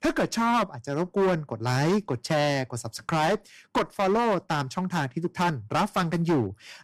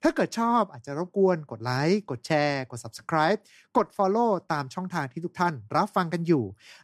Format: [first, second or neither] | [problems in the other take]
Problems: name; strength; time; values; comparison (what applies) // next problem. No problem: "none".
second | distortion; heavy; 13% of the sound clipped